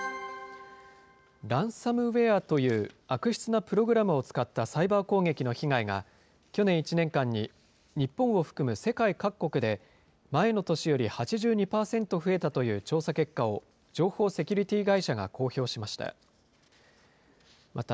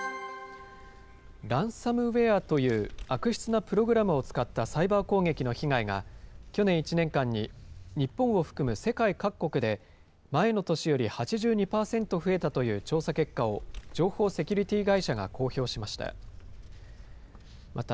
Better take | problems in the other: first | background sound (Vehicle); 17 dB below the speech

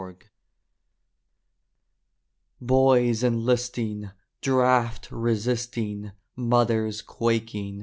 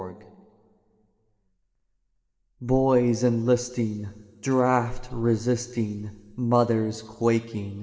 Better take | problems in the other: first | room echo; dies away in 1.8 s

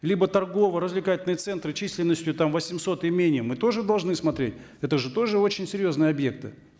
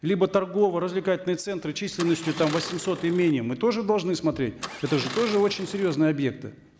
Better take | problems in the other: first | background sound (Engine starting); 13 dB below the speech

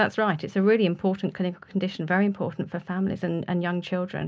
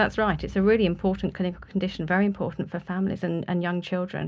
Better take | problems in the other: first | background sound (Boom); 19 dB below the speech

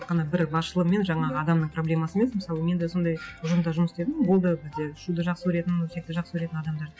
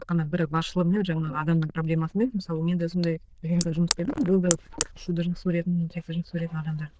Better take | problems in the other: first | noise reduction (neural diffusion model UNIVERSE++)

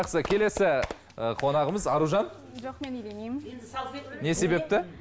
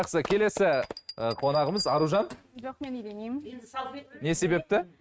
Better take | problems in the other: first | noise reduction (neural mask model RNNoise)

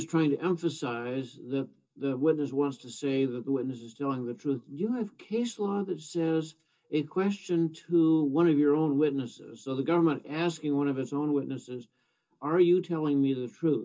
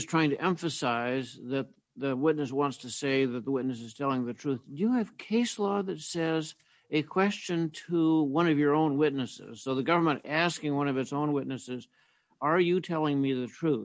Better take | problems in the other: second | room echo; dies away in 0.2 s

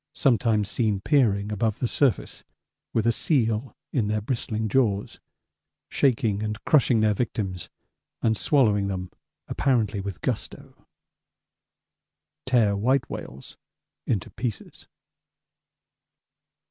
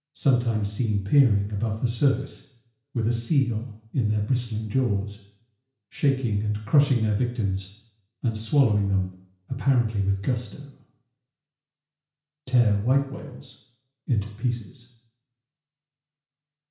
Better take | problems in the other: first | room echo; dies away in 0.5 s

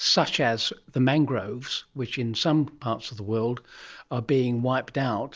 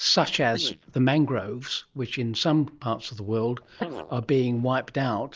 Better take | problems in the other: first | noise reduction (neural mask model Resemble Enhance denoiser)

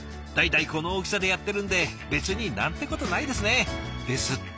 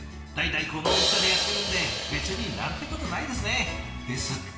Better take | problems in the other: first | background sound (Crash cymbal); 2 dB above the speech // room echo; dies away in 1.1 s

